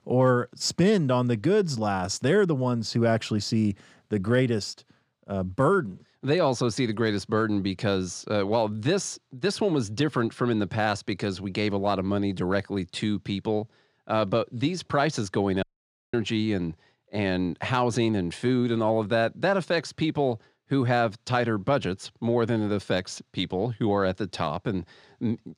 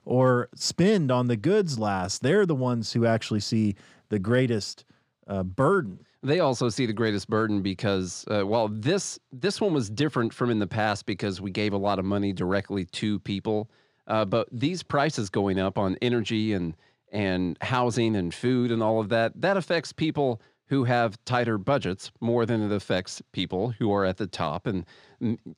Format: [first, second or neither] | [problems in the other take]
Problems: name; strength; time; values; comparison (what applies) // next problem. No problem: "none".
second | audio cutting out; at 16 s